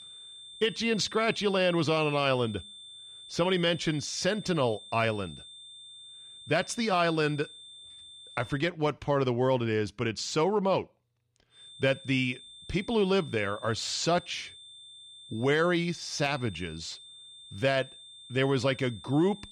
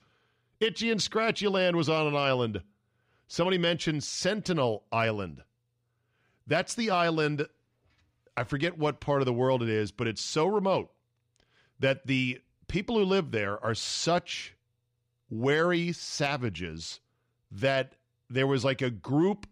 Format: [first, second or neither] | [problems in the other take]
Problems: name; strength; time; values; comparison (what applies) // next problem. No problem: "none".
second | high-pitched whine; noticeable; until 8.5 s and from 12 s on; 3.5 kHz, 15 dB below the speech